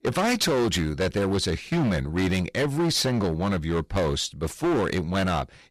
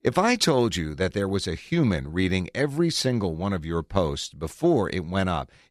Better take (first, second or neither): second